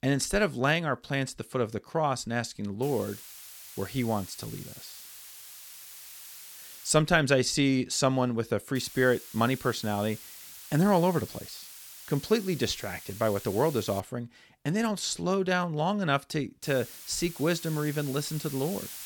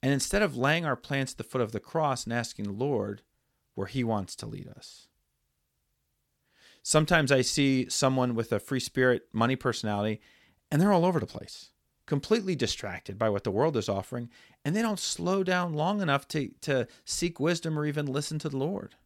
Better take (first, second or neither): second